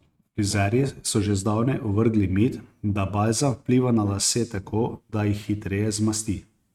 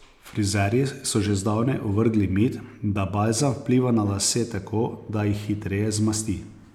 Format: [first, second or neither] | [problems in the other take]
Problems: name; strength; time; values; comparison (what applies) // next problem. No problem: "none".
second | noise reduction (neural mask model RNNoise)